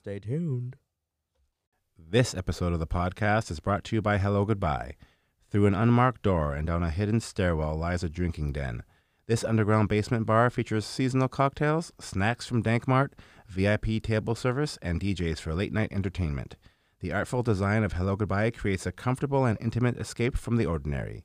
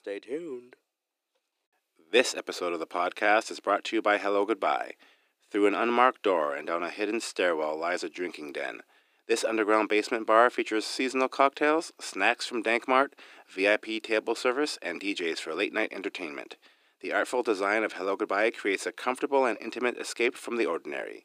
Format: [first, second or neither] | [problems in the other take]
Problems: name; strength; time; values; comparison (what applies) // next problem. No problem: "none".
first | thin; very; fading below 300 Hz